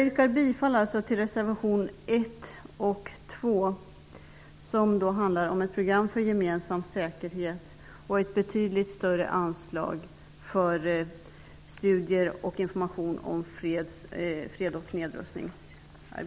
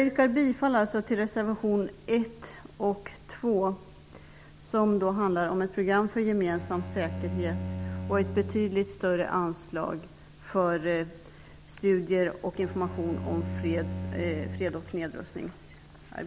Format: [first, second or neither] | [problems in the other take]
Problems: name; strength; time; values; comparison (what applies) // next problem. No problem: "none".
first | background sound (Bowed string instrument); 8 dB below the speech